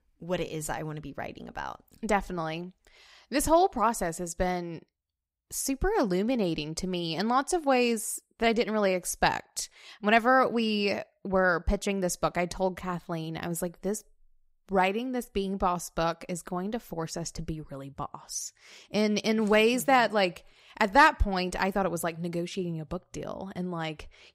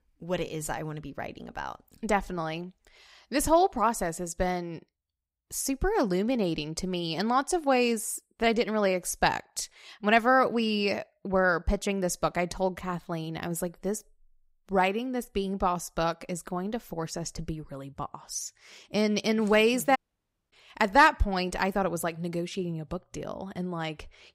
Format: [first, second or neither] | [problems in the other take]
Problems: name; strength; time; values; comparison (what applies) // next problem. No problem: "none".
first | audio cutting out; at 20 s for 0.5 s